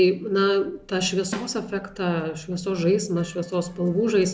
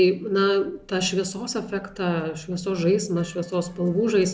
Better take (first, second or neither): second